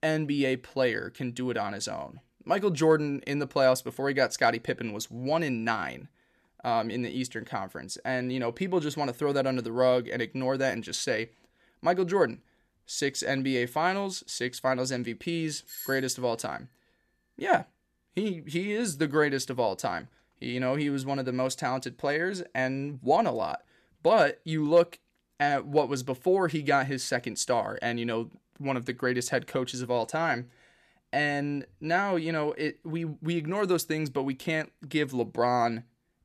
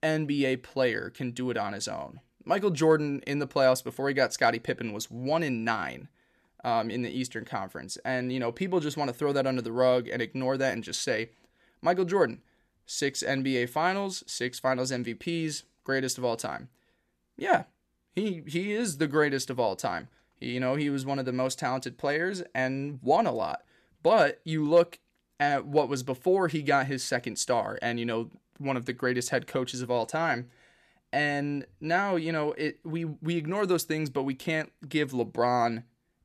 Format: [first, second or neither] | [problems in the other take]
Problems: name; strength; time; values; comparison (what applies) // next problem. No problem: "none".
second | doorbell; faint; at 16 s; peak 10 dB below the speech